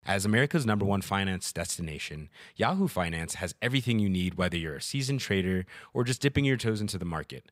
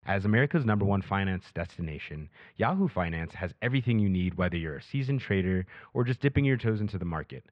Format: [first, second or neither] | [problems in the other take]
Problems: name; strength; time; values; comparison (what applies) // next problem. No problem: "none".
first | muffled; very; fading above 2.5 kHz